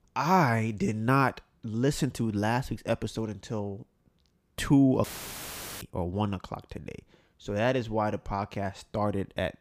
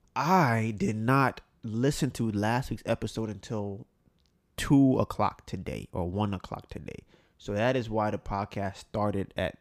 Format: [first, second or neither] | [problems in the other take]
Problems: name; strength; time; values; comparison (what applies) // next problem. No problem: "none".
second | audio cutting out; filled with static; at 5 s for 1 s